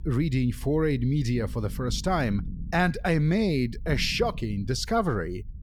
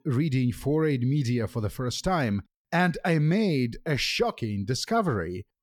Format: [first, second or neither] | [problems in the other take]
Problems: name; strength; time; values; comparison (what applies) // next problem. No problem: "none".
second | low rumble; faint; throughout; 25 dB below the speech